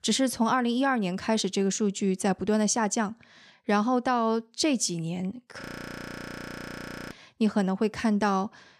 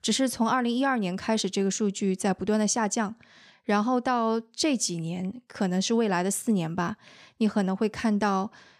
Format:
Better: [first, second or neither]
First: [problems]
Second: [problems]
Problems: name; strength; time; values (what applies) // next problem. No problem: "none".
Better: second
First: audio freezing; at 5.5 s for 1.5 s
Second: none